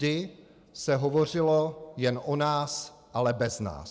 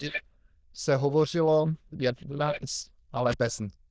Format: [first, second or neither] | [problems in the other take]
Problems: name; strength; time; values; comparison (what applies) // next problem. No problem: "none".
first | noise reduction (neural diffusion model UNIVERSE++)